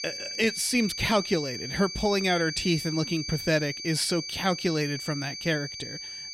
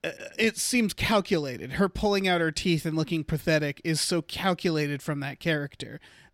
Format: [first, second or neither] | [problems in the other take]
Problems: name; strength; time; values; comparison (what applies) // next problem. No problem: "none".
second | high-pitched whine; loud; throughout; 4.5 kHz, 7 dB below the speech